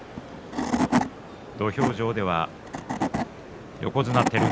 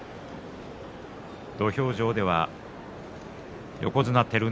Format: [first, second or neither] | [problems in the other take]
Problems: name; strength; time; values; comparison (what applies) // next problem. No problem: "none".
second | background sound (Wood / Tools); as loud as the speech